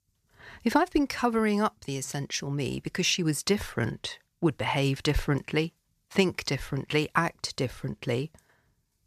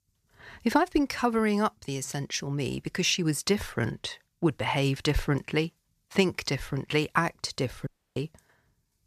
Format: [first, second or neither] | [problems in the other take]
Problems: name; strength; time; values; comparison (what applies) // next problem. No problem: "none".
first | audio cutting out; at 8 s